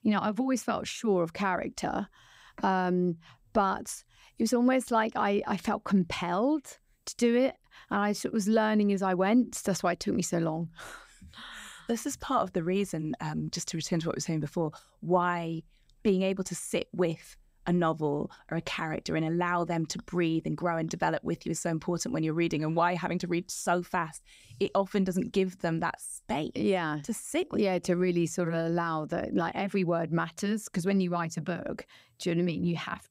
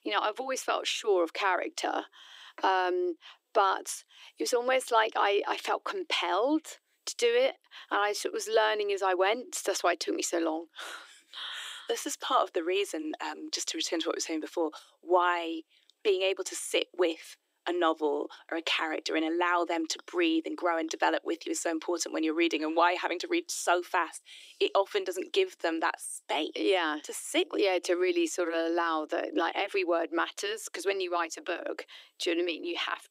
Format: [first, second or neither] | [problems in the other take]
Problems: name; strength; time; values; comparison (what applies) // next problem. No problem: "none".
first | thin; very; fading below 300 Hz